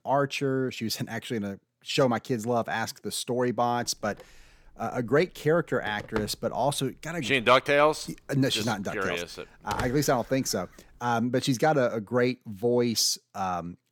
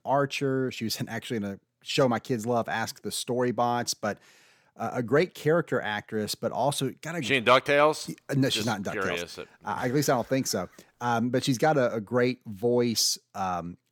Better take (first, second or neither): second